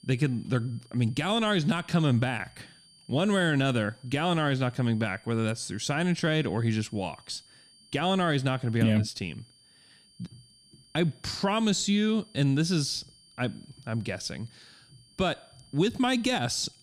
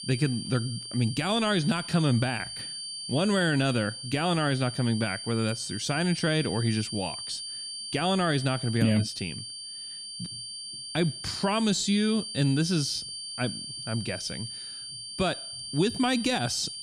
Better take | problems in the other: first | high-pitched whine; loud; throughout; 4.5 kHz, 8 dB below the speech; faint in the first

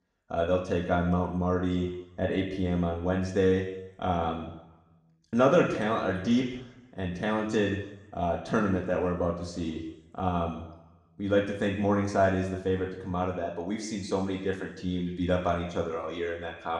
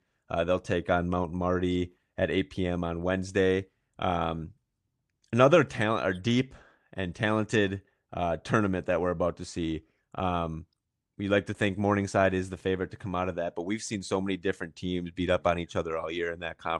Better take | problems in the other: second | room echo; slight; dies away in 1 s // off-mic speech; somewhat distant

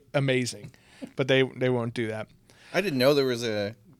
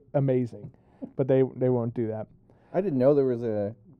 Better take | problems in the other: first | muffled; very; fading above 1.5 kHz

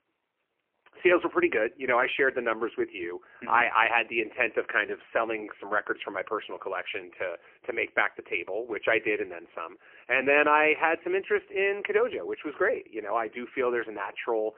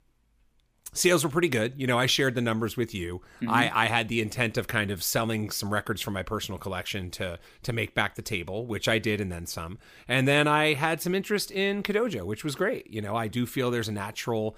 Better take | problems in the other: second | phone-call audio; poor line; nothing above 3 kHz

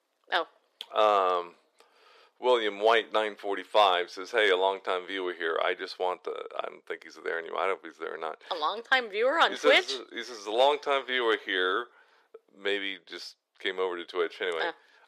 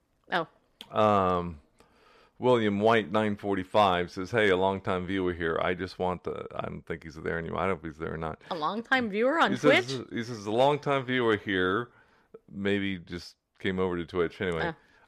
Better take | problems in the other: second | thin; very; fading below 400 Hz

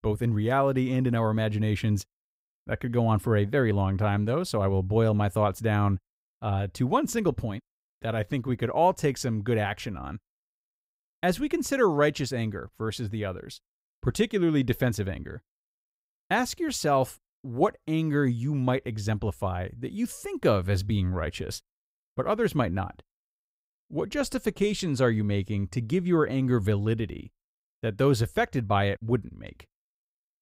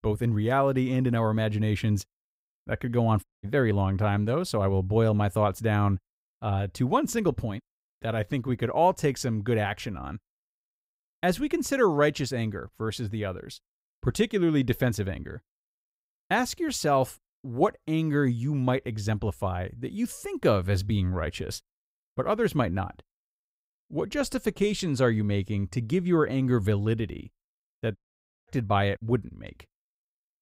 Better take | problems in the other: first | audio cutting out; at 3 s and at 28 s for 0.5 s

